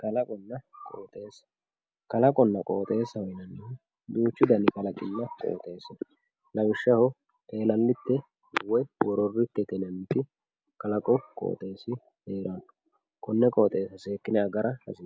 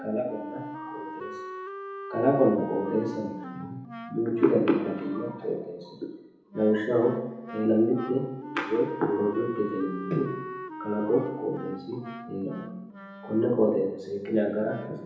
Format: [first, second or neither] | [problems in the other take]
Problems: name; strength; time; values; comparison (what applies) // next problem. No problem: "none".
first | background sound (Wind instrument, woodwind instrument); 12 dB below the speech // room echo; dies away in 0.9 s